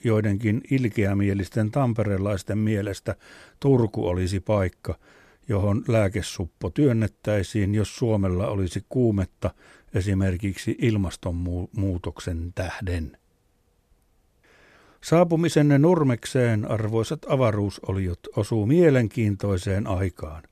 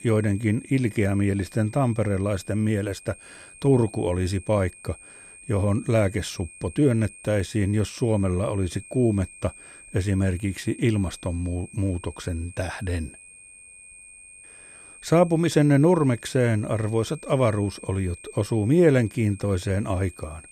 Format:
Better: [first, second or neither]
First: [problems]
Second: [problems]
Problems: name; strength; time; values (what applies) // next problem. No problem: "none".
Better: first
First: none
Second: high-pitched whine; noticeable; throughout; 2.5 kHz, 20 dB below the speech